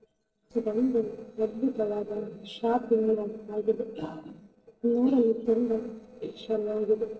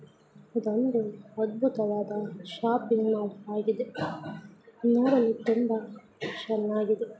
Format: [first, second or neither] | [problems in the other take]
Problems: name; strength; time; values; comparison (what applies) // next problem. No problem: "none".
second | noise reduction (neural separator model SepFormer DNS4)